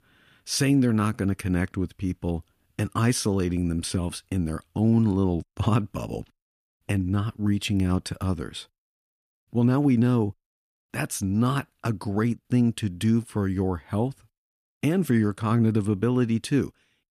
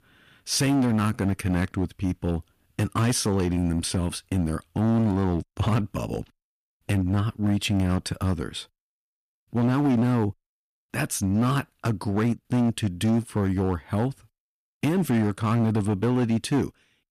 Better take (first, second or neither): first